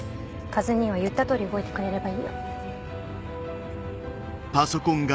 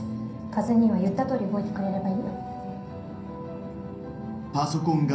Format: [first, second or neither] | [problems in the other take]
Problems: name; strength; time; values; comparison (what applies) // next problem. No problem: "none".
first | room echo; dies away in 0.6 s